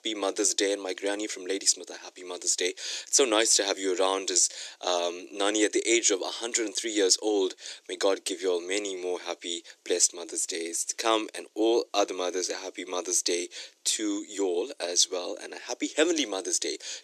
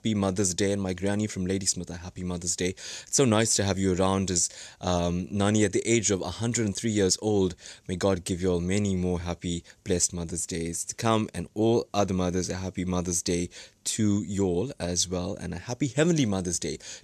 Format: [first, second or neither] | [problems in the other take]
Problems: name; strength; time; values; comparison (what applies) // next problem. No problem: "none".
second | thin; very; fading below 300 Hz